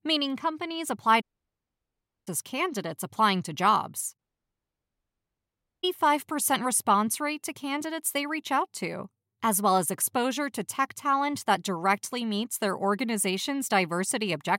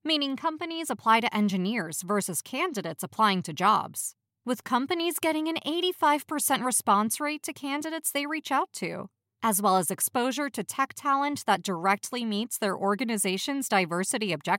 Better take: second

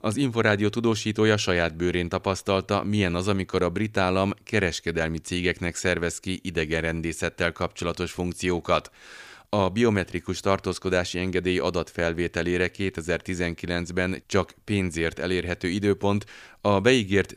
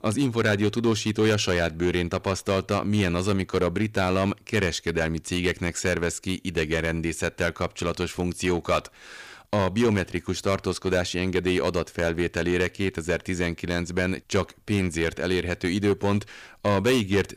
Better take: first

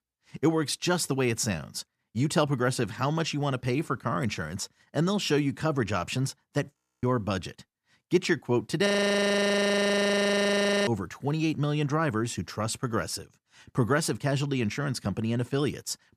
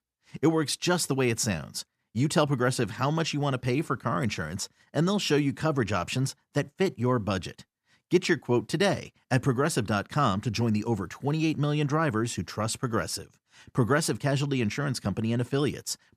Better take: second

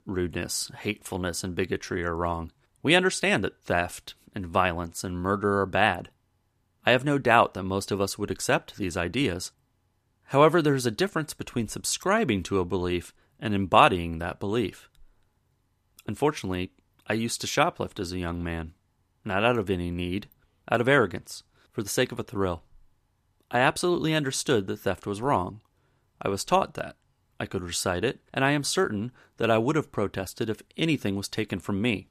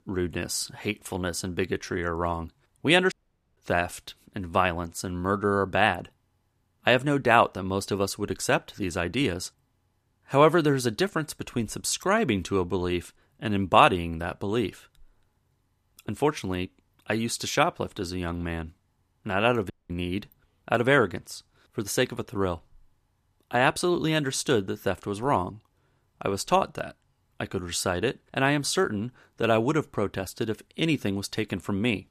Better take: first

